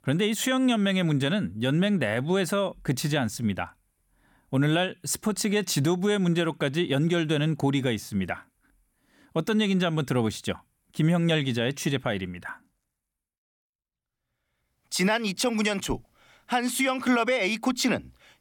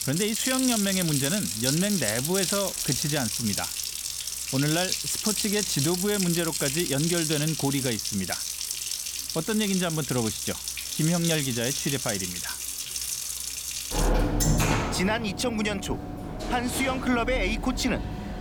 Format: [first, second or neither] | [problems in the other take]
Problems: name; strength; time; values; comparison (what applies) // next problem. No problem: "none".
first | household noises; loud; throughout; 1 dB below the speech